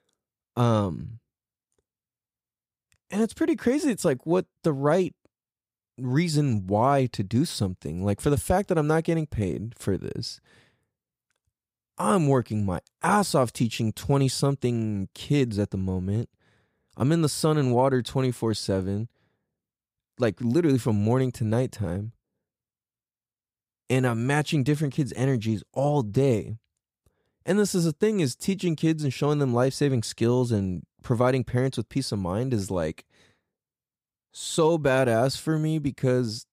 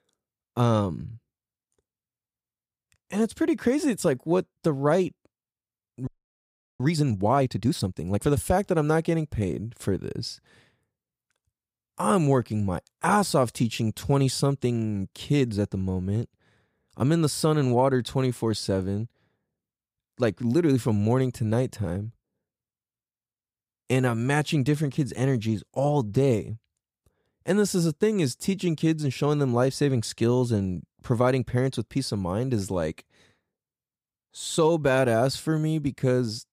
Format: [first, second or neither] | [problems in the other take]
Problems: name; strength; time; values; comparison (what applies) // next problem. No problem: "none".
first | audio freezing; at 6 s for 0.5 s